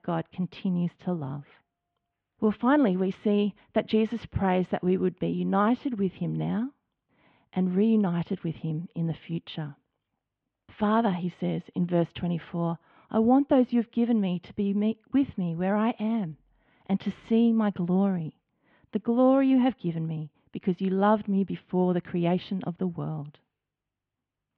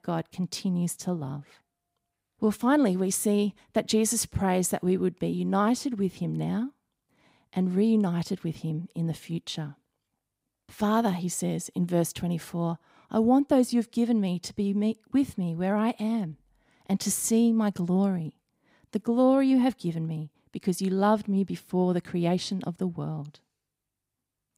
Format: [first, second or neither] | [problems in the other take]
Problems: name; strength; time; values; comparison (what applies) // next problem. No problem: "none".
second | muffled; very; fading above 3 kHz